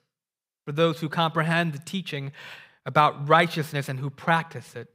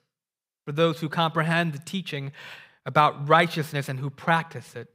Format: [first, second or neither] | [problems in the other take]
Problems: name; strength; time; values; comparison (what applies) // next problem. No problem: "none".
neither | none